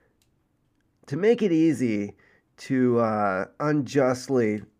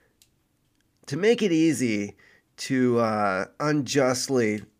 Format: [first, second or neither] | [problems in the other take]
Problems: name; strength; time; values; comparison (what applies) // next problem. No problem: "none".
second | muffled; slightly; fading above 2 kHz